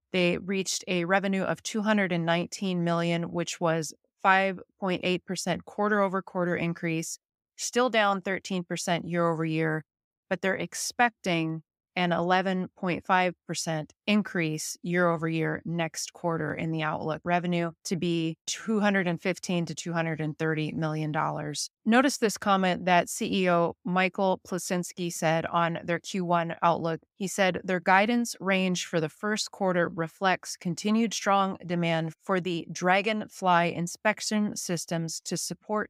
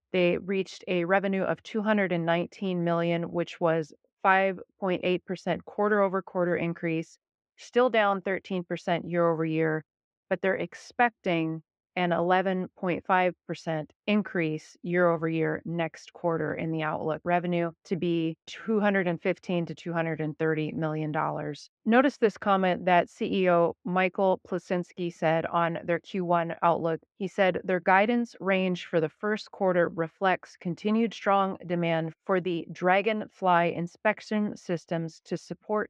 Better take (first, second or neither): first